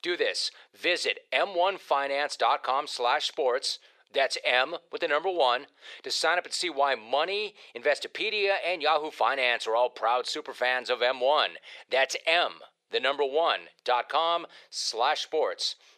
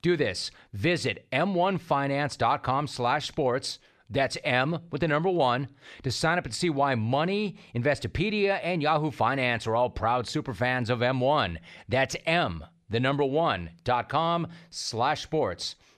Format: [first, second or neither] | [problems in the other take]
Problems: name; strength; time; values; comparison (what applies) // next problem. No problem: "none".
second | thin; very; fading below 450 Hz